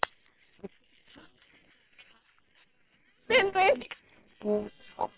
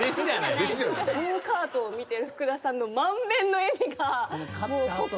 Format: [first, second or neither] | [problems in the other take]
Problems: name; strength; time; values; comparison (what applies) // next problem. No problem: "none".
second | noise reduction (neural separator model SepFormer WHAM!)